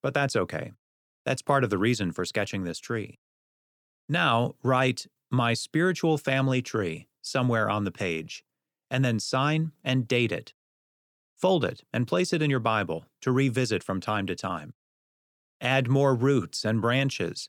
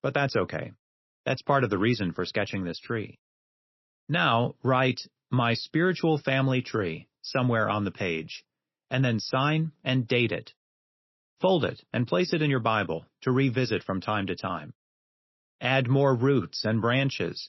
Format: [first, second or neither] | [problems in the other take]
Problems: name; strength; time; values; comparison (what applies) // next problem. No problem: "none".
first | garbled, watery; slightly; nothing above 5.5 kHz